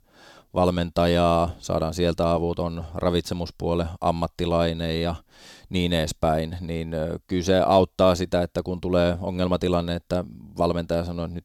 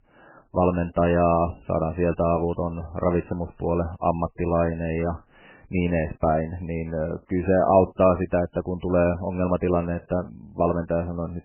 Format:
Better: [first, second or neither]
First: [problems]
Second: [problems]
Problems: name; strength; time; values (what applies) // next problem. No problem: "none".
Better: first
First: none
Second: garbled, watery; badly; nothing above 2.5 kHz